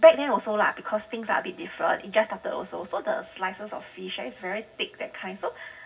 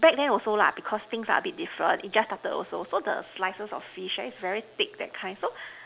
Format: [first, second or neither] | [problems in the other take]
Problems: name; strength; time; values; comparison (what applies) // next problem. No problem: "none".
second | room echo; dies away in 0.4 s